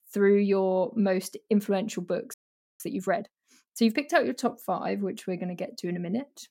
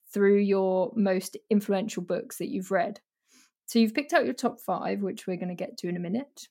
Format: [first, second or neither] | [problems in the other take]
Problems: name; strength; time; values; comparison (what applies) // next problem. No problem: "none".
second | audio freezing; at 2.5 s